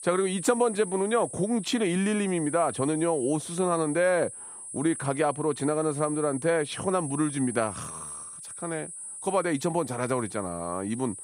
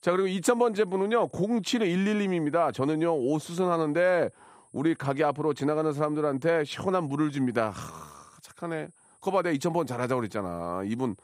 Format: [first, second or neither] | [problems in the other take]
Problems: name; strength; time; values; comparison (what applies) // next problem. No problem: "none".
second | high-pitched whine; loud; throughout; 9.5 kHz, 10 dB below the speech; faint in the second